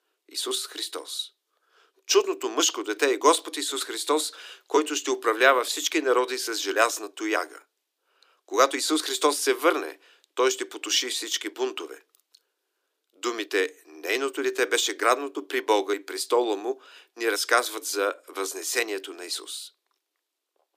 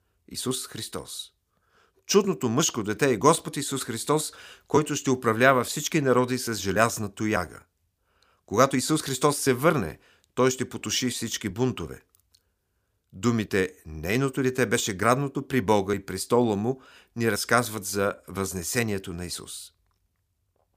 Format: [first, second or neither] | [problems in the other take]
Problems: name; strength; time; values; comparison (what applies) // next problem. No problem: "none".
second | thin; somewhat; fading below 300 Hz